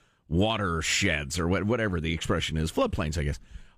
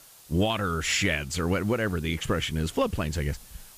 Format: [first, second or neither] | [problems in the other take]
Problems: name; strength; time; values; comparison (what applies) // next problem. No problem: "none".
first | hiss; faint; throughout; 20 dB below the speech